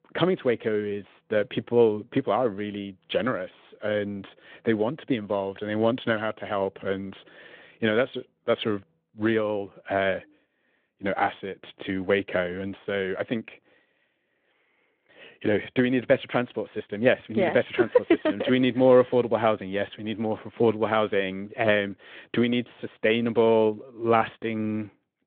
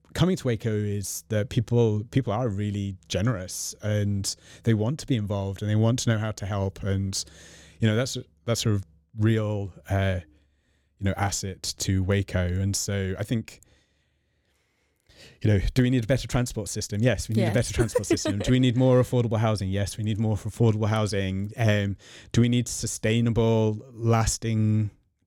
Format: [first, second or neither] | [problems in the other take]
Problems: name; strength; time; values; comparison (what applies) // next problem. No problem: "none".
second | phone-call audio